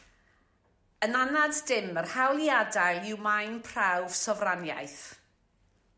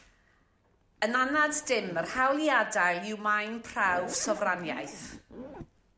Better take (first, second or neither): first